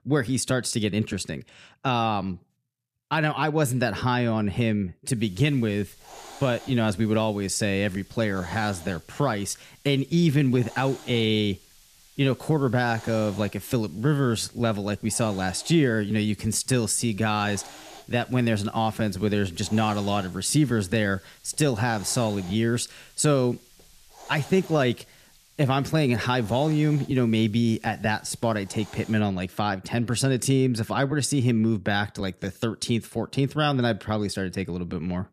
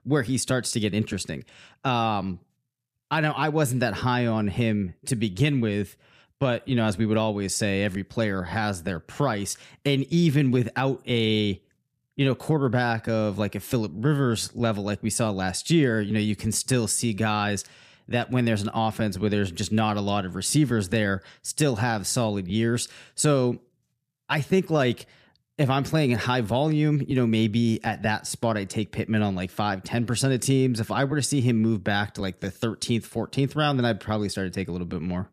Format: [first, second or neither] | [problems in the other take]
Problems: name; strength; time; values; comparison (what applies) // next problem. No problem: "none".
second | hiss; faint; from 5 to 29 s; 25 dB below the speech